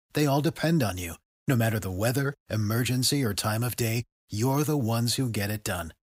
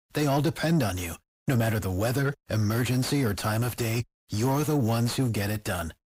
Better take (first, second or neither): first